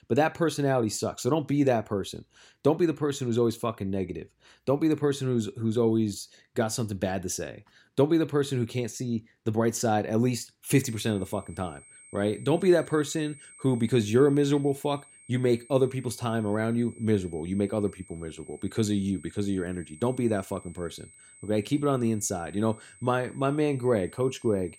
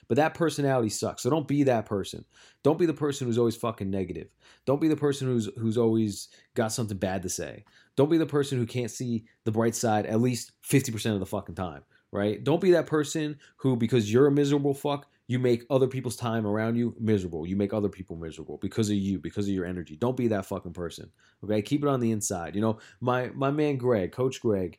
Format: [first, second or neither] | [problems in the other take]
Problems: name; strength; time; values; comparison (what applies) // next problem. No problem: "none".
second | high-pitched whine; faint; from 11 s on; 8.5 kHz, 25 dB below the speech